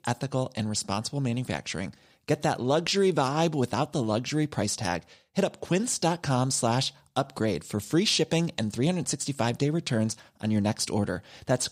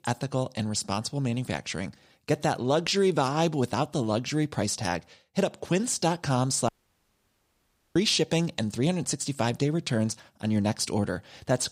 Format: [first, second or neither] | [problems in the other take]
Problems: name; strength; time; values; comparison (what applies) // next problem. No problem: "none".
first | audio cutting out; at 6.5 s for 1.5 s